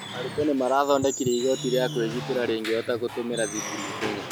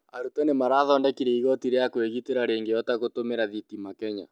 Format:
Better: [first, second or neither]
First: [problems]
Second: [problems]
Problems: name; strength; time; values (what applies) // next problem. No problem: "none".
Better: second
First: background sound (Squeak / Wood); 8 dB below the speech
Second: none